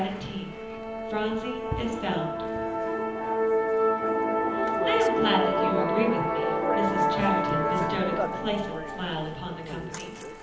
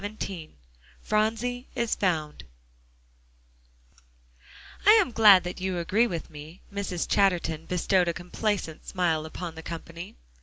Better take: second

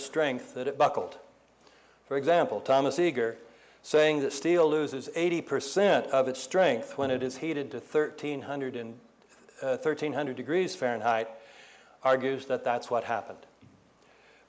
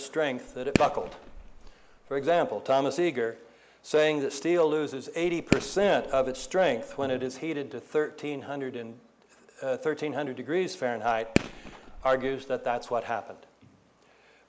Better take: first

